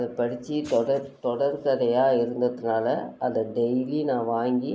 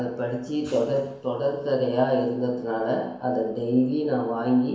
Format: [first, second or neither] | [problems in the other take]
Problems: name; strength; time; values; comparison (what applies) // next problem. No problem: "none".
first | room echo; dies away in 0.7 s